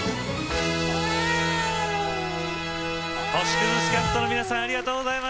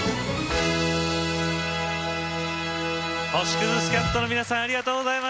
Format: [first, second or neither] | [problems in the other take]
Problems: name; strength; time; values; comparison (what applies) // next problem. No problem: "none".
second | background sound (Cat); 3 dB below the speech